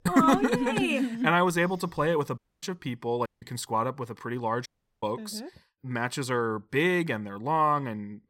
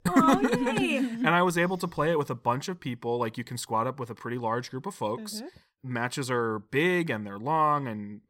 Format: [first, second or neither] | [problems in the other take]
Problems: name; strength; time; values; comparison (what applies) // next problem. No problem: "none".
second | audio cutting out; at 2.5 s, at 3.5 s and at 4.5 s